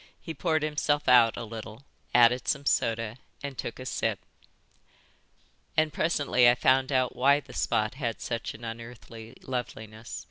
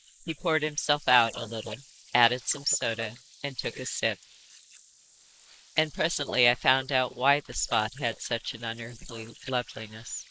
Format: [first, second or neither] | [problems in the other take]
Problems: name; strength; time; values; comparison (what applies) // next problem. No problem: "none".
first | noise reduction (neural mask model Resemble Enhance denoiser)